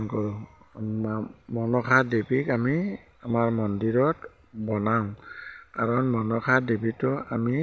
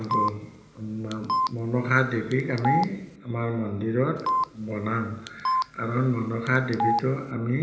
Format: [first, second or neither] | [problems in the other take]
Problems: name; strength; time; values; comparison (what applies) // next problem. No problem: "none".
first | background sound (Telephone); 3 dB below the speech // room echo; dies away in 1 s